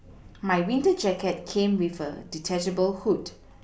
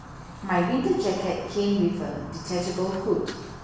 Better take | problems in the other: first | background sound (Fire); 14 dB below the speech // room echo; dies away in 0.9 s

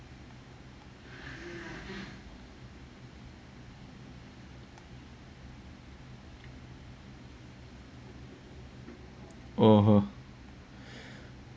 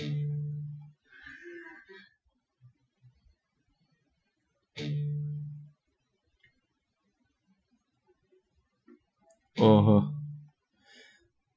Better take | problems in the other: first | noise reduction (classical method Wiener filter)

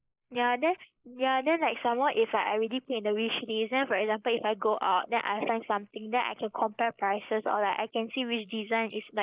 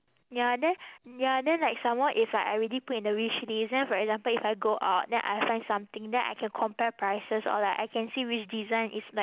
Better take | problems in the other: second | noise reduction (neural mask model Resemble Enhance denoiser)

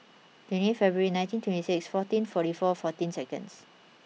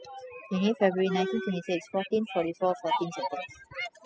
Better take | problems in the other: first | noise reduction (classical method spectral subtraction)

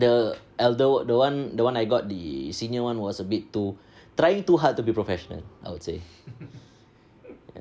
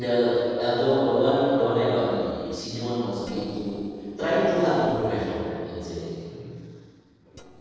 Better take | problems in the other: first | noise reduction (neural separator model SepFormer DNS4)

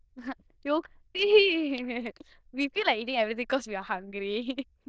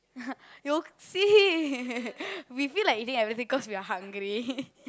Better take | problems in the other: second | noise reduction (neural diffusion model UNIVERSE++)

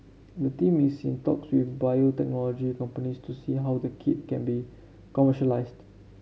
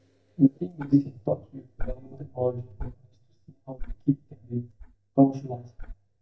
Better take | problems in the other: first | noise reduction (neural mask model DeepFilterNet 3)

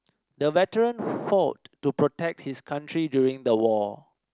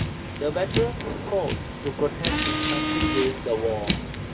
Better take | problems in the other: first | background sound (Car); 1 dB above the speech // room echo; dies away in 2.8 s

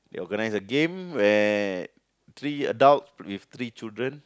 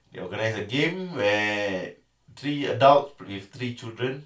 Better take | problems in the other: first | room echo; dies away in 0.3 s

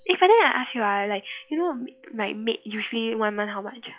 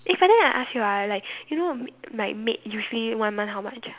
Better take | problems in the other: second | noise reduction (classical method log-MMSE)

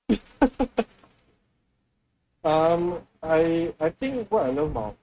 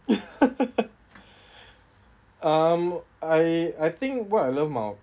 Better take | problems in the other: second | noise reduction (neural mask model RNNoise)

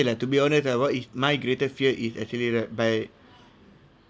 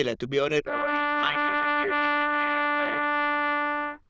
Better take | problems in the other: first | noise reduction (neural diffusion model UNIVERSE++)

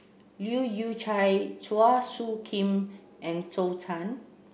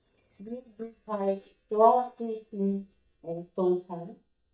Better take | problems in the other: first | noise reduction (neural mask model DeepFilterNet 3)

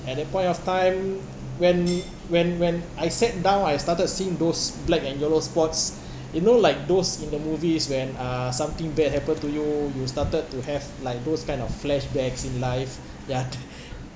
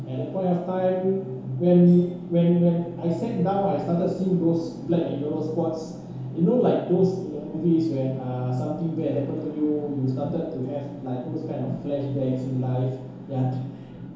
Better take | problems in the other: first | room echo; dies away in 0.8 s

